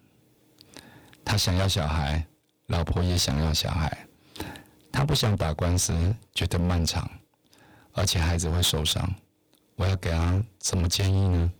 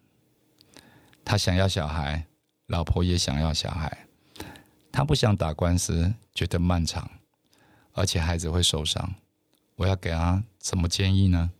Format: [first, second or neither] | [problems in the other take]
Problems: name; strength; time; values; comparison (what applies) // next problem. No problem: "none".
second | distortion; heavy; 16% of the sound clipped